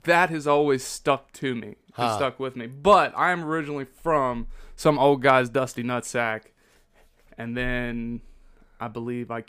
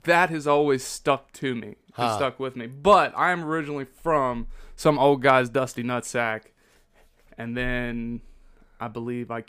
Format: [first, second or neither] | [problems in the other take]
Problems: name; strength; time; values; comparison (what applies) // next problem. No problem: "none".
neither | none